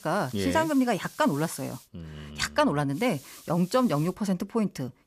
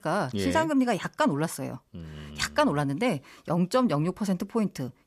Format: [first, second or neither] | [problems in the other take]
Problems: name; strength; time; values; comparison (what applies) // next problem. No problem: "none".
second | hiss; noticeable; until 2 s and from 3 to 4 s; 20 dB below the speech